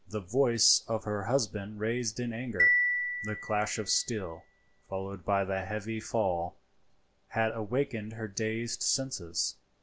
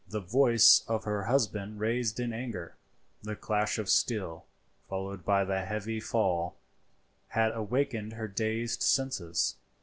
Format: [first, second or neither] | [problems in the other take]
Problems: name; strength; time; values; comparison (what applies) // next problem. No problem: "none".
second | background sound (Marimba, xylophone); 2 dB below the speech